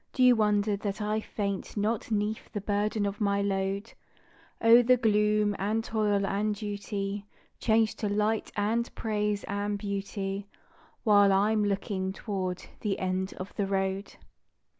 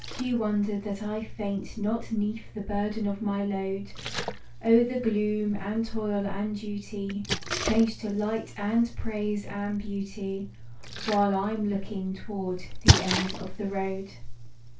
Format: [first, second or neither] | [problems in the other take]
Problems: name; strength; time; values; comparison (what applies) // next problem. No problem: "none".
first | background sound (Splash, splatter); 6 dB below the speech // room echo; dies away in 0.2 s